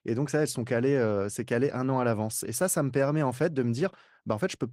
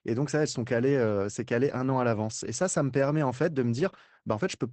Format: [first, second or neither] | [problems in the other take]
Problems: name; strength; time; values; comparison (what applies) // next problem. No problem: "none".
first | garbled, watery; badly; nothing above 8 kHz; slightly in the first